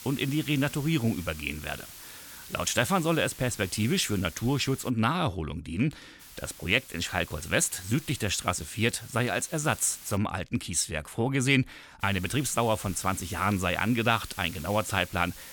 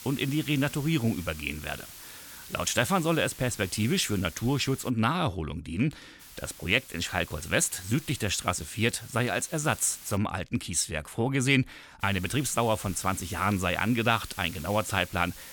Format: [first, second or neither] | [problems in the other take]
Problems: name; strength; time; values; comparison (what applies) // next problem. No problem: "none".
neither | hiss; noticeable; until 5 s, from 6 to 10 s and from 12 s on; 15 dB below the speech; the same in both